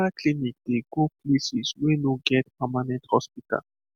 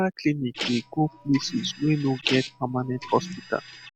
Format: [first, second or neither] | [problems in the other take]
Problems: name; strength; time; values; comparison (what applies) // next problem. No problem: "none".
first | background sound (Printer); 11 dB below the speech